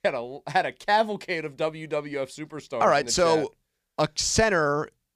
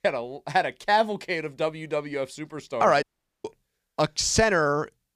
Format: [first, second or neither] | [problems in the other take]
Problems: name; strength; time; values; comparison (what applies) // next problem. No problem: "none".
first | audio cutting out; at 3 s